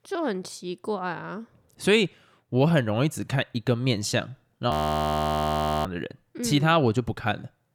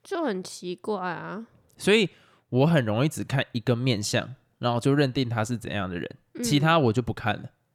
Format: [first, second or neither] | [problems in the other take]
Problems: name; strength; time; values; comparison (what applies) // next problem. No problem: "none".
second | audio freezing; at 4.5 s for 1 s